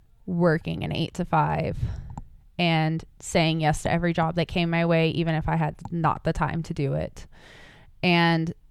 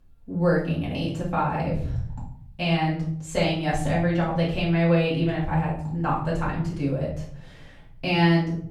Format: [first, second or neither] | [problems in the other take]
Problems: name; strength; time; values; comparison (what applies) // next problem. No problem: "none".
first | off-mic speech; far // room echo; noticeable; dies away in 0.6 s